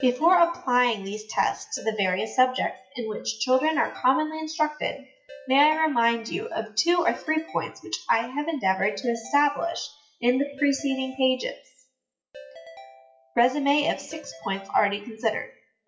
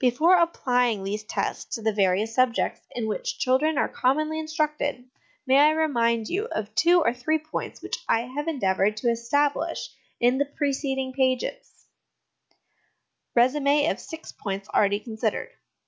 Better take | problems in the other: second | noise reduction (classical method WPE with log-MMSE)

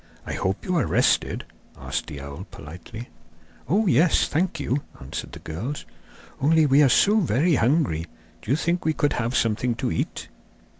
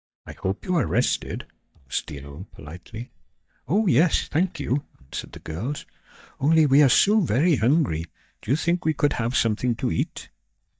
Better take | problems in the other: first | noise reduction (neural mask model DeepFilterNet 3)

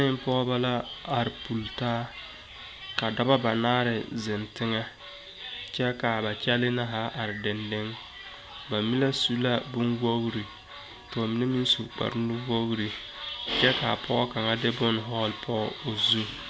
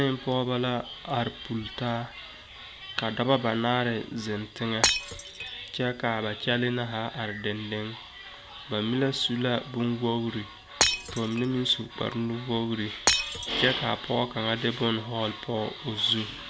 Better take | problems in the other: first | background sound (Shatter); as loud as the speech

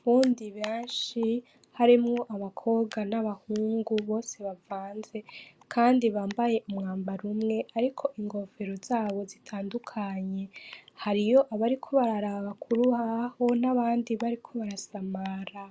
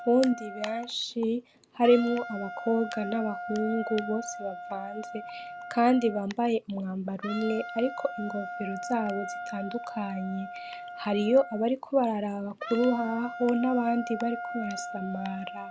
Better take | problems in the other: first | background sound (Wind instrument, woodwind instrument); 10 dB below the speech

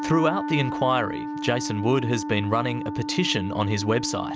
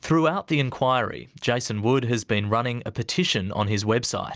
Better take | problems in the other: second | background sound (Wind instrument, woodwind instrument); 6 dB below the speech

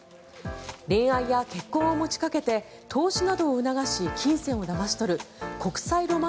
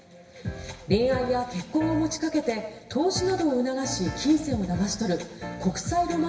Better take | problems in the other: first | room echo; dies away in 1 s

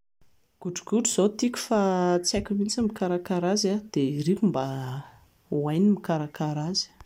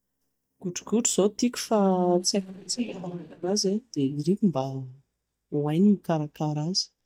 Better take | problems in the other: first | noise reduction (neural mask model DeepFilterNet 3)

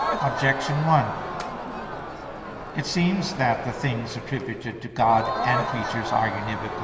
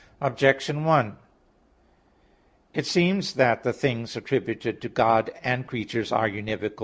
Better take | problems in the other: second | background sound (Crowd); 5 dB below the speech // room echo; dies away in 2.2 s

